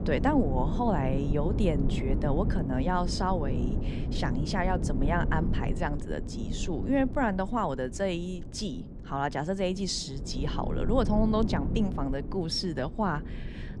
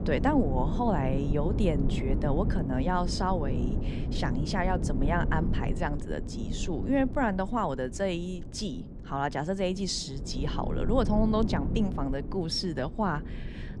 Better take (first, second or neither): neither